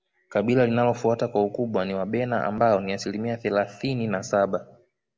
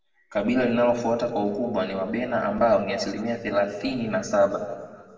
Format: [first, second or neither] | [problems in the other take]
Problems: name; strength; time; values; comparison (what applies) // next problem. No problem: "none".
first | room echo; dies away in 1.6 s